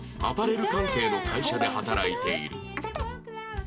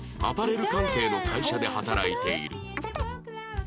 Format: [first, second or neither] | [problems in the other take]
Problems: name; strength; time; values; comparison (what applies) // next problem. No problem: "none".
second | background sound (Bowed string instrument); 12 dB below the speech // room echo; dies away in 0.4 s